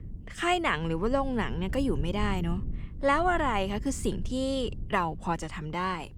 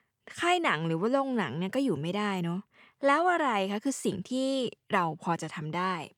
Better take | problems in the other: second | low rumble; faint; throughout; 25 dB below the speech

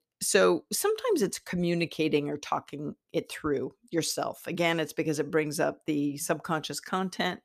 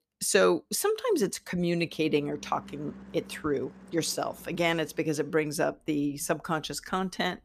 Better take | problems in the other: first | traffic noise; faint; throughout; 20 dB below the speech

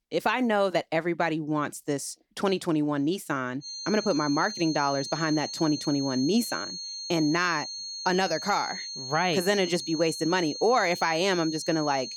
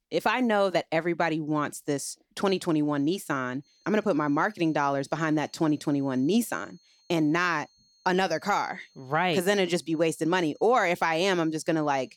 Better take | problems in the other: second | high-pitched whine; loud; from 3.5 s on; 4.5 kHz, 7 dB below the speech; faint in the second

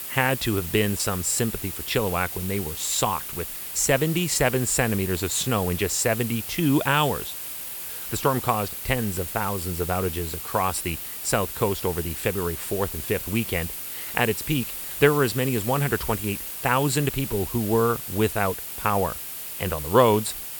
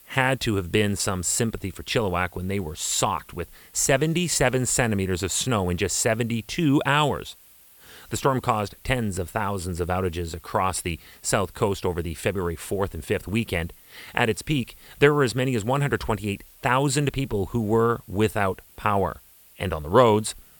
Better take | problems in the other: second | hiss; loud; throughout; 6 dB below the speech; faint in the second

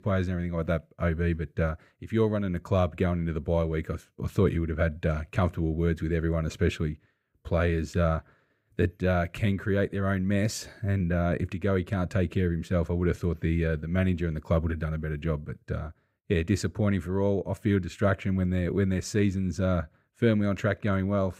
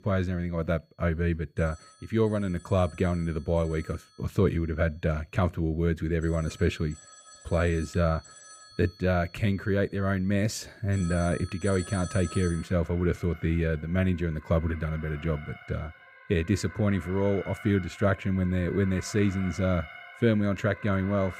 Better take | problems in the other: first | alarms or sirens; noticeable; throughout; 20 dB below the speech

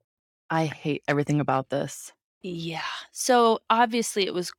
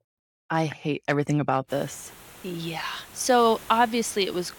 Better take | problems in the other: first | hiss; noticeable; from 1.5 s on; 20 dB below the speech

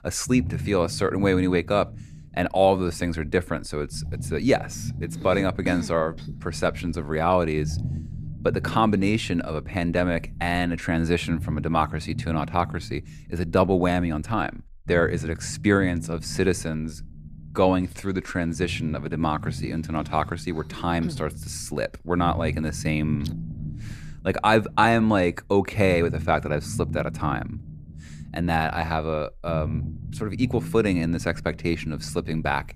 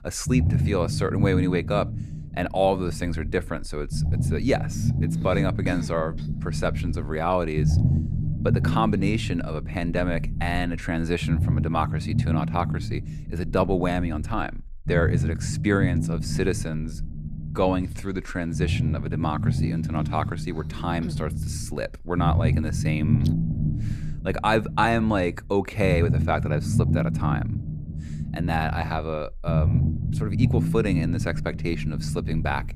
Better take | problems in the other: first | low rumble; loud; throughout; 10 dB below the speech; faint in the first

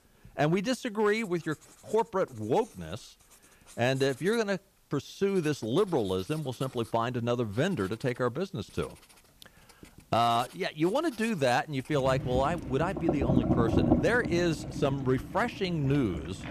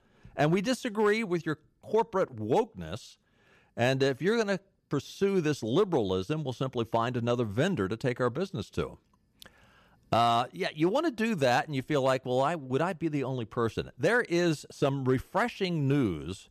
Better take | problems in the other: second | household noises; loud; throughout; 3 dB below the speech

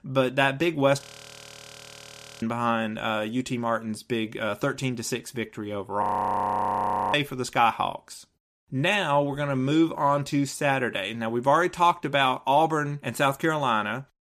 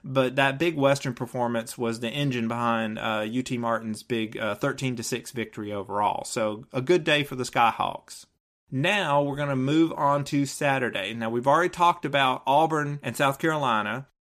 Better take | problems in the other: second | audio freezing; at 1 s for 1.5 s and at 6 s for 1 s

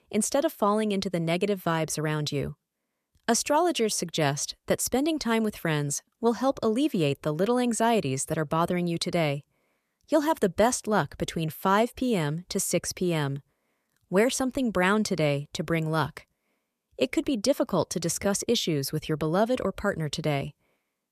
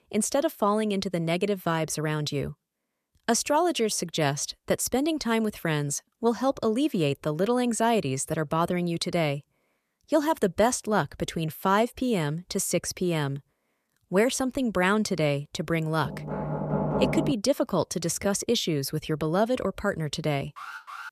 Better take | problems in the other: first | door banging; noticeable; from 16 to 17 s; peak level with the speech // alarm; faint; at 21 s; peak 10 dB below the speech

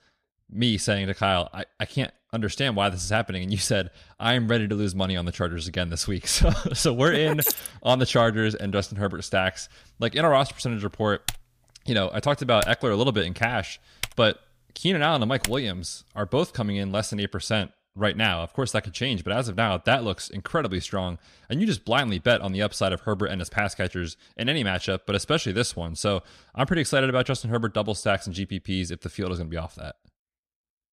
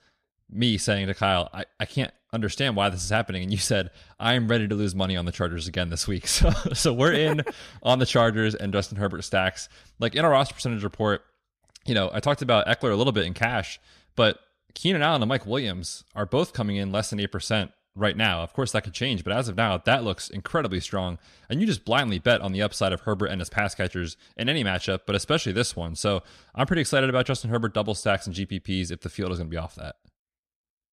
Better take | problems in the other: second | jangling keys; loud; at 7.5 s; peak 1 dB above the speech // keyboard typing; noticeable; from 11 to 15 s; peak 6 dB below the speech

